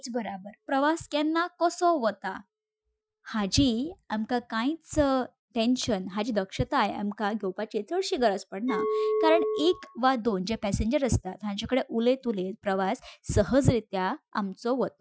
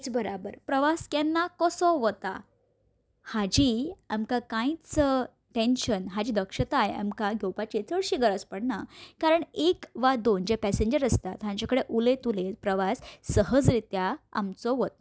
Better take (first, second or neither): second